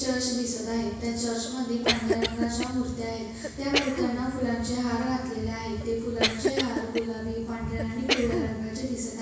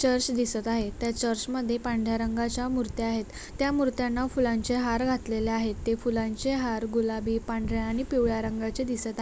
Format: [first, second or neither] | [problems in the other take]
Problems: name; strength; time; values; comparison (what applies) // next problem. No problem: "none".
second | background sound (Cough); 3 dB below the speech // room echo; dies away in 1.1 s